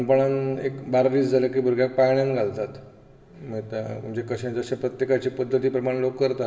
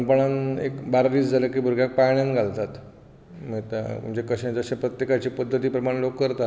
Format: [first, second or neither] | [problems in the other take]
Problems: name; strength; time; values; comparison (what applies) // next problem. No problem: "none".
second | room echo; dies away in 0.5 s